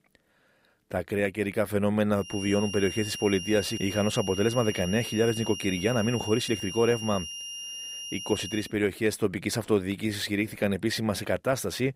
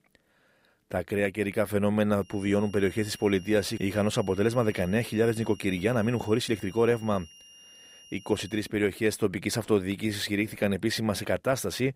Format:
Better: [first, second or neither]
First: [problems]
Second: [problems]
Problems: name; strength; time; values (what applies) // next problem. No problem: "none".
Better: second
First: high-pitched whine; loud; from 2.5 to 8.5 s; 3 kHz, 8 dB below the speech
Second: high-pitched whine; faint; from 2.5 to 8.5 s; 3 kHz, 20 dB below the speech